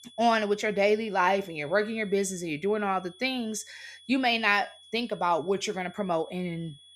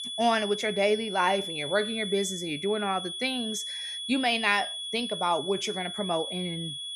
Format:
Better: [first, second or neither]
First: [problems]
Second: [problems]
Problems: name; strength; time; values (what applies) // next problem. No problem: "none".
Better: first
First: high-pitched whine; faint; throughout; 3.5 kHz, 25 dB below the speech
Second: high-pitched whine; loud; throughout; 3.5 kHz, 5 dB below the speech